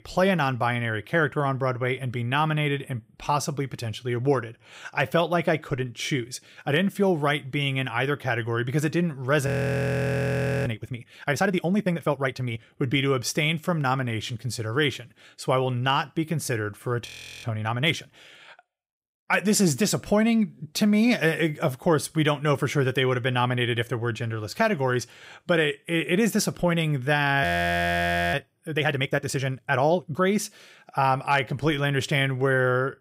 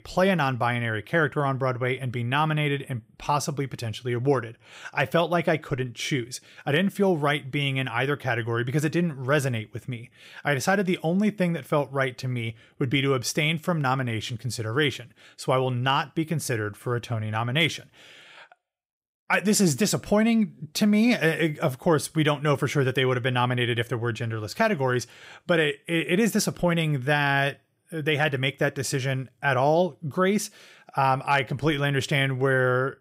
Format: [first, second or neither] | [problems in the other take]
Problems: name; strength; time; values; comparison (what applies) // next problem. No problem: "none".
second | audio freezing; at 9.5 s for 1 s, at 17 s and at 27 s for 1 s